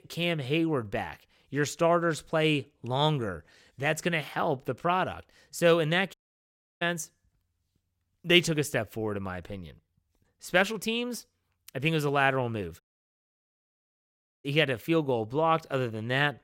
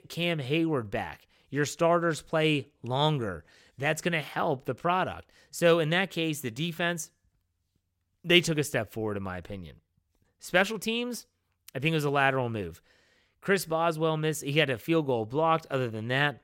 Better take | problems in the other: second | audio cutting out; at 6 s for 0.5 s and at 13 s for 1.5 s

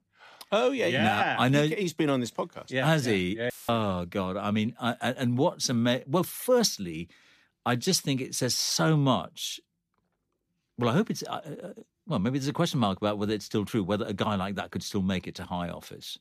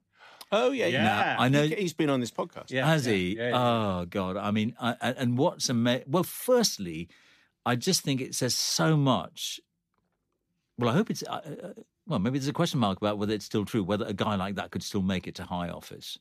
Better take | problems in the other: second | audio cutting out; filled with static; at 3.5 s

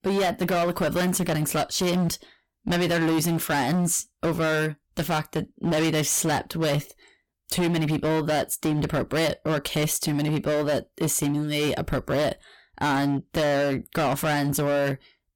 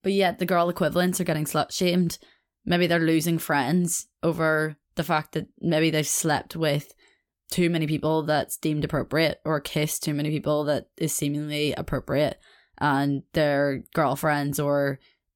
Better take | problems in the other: second | distortion; heavy; 21% of the sound clipped

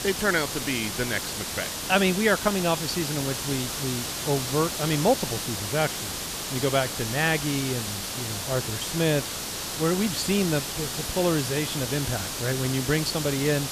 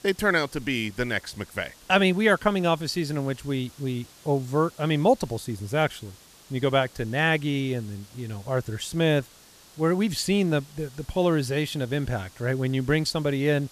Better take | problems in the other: second | hiss; loud; throughout; 3 dB below the speech; faint in the second

